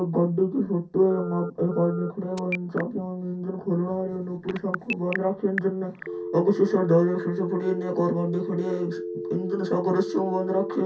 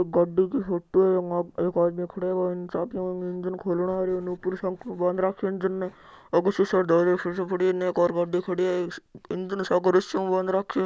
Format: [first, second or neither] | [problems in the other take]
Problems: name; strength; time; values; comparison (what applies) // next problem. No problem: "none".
second | background sound (Telephone); 9 dB below the speech // room echo; dies away in 0.3 s